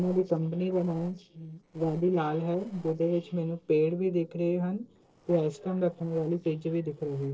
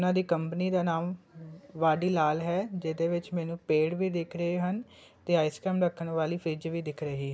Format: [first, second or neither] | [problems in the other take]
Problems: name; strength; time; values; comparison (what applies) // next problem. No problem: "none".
second | noise reduction (neural separator model SepFormer DNS4)